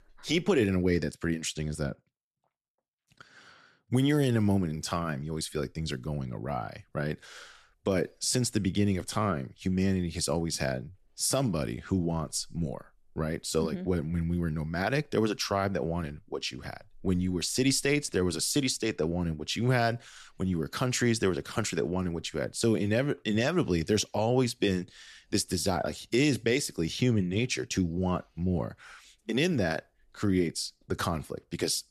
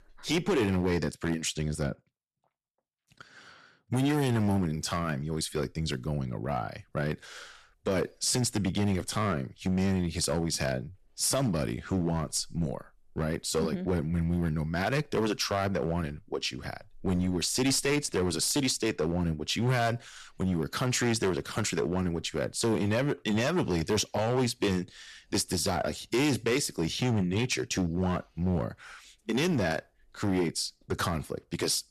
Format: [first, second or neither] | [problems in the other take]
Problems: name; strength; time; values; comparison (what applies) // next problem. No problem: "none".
first | distortion; slight; 8% of the sound clipped